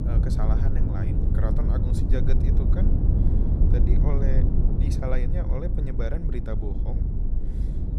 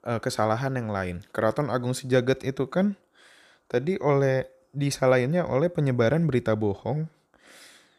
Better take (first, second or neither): second